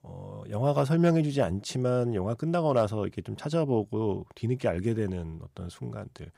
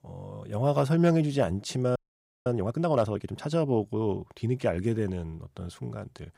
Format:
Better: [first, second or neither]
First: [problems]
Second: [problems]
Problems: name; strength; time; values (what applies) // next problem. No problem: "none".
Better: first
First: none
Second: audio freezing; at 2 s for 0.5 s